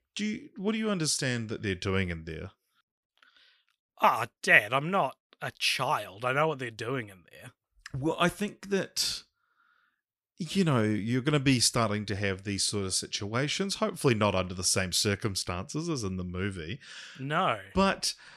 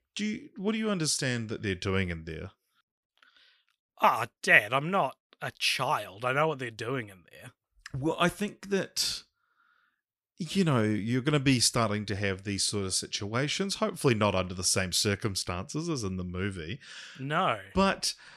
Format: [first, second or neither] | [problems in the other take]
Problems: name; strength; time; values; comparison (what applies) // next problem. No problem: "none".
neither | none